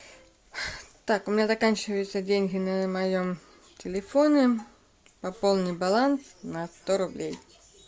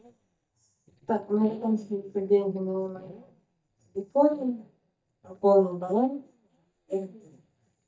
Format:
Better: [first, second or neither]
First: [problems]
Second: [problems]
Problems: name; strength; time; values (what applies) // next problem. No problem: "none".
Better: first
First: none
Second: noise reduction (neural mask model DeepFilterNet 3)